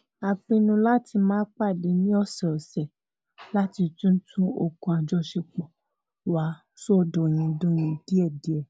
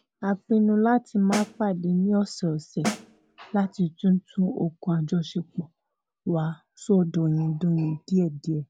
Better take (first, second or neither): first